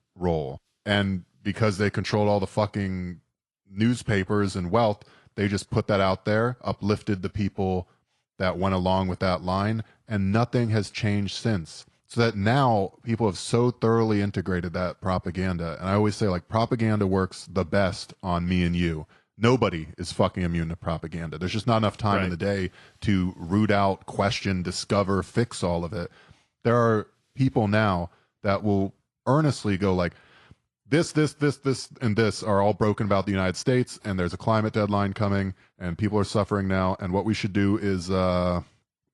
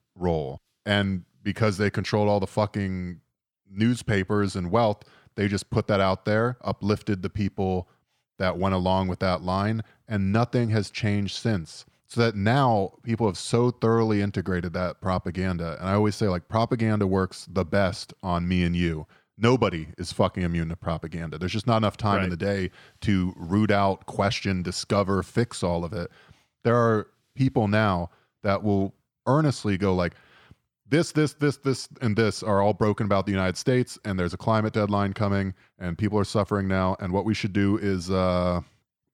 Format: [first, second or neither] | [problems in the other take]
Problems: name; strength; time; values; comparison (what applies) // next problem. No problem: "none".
second | garbled, watery; slightly